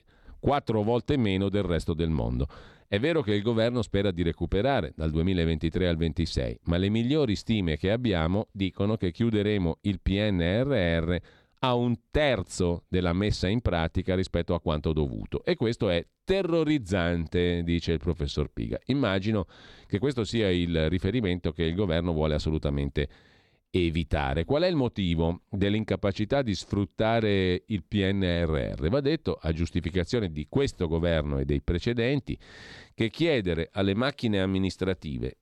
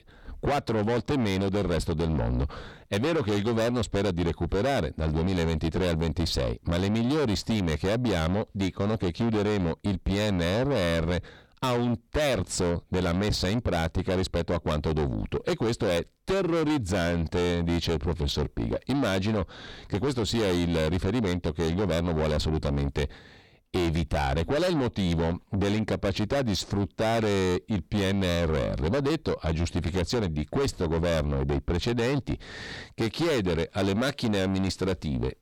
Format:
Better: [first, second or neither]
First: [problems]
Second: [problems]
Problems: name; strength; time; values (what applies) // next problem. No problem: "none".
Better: first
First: none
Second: distortion; heavy; 6 dB below the speech